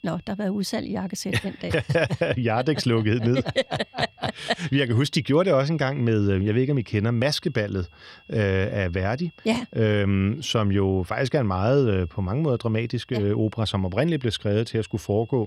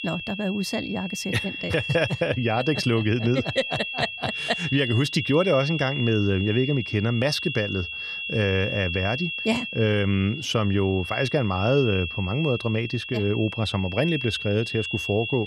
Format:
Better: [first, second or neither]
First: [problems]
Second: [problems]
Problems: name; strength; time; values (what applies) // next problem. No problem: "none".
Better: first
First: high-pitched whine; faint; throughout; 2.5 kHz, 30 dB below the speech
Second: high-pitched whine; loud; throughout; 2.5 kHz, 6 dB below the speech